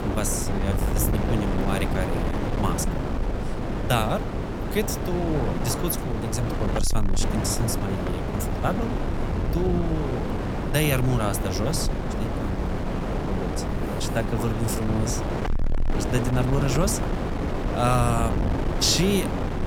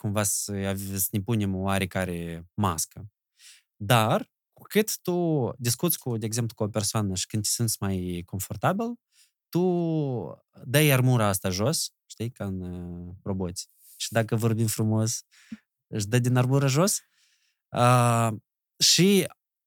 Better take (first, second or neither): second